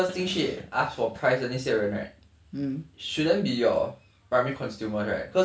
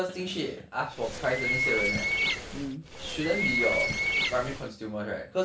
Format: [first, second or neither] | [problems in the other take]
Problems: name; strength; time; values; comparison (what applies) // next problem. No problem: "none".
first | background sound (Bird); 2 dB above the speech